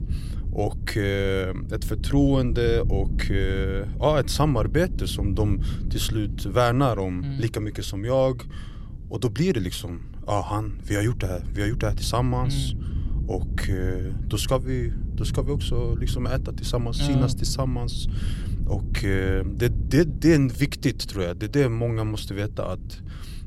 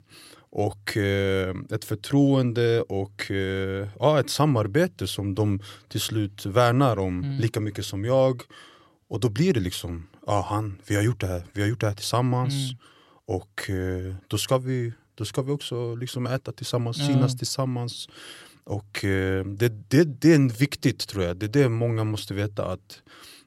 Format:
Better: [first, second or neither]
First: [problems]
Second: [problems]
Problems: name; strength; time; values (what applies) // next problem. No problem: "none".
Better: second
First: wind noise on the microphone; occasional gusts; 15 dB below the speech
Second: none